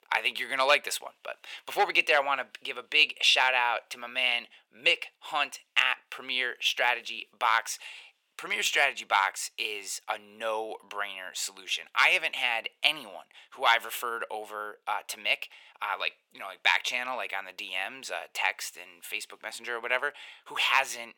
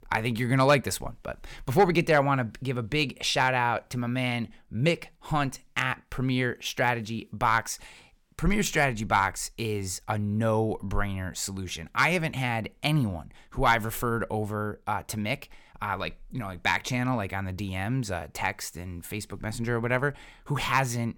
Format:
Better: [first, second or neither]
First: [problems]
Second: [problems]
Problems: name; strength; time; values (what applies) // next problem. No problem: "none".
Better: second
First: thin; very; fading below 550 Hz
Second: none